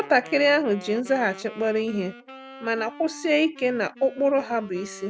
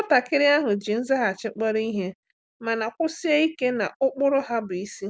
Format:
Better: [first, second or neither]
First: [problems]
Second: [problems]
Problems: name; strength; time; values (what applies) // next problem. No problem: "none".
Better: second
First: background sound (Wind instrument, woodwind instrument); 18 dB below the speech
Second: none